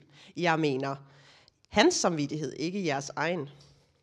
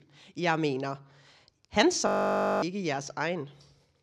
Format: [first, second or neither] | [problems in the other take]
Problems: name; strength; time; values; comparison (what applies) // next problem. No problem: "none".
first | audio freezing; at 2 s for 0.5 s